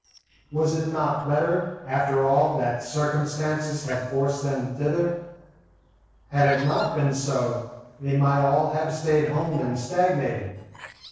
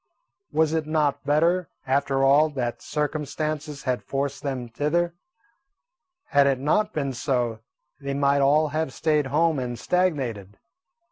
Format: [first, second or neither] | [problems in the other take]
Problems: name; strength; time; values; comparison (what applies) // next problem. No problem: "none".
second | noise reduction (neural separator model SepFormer DNS4)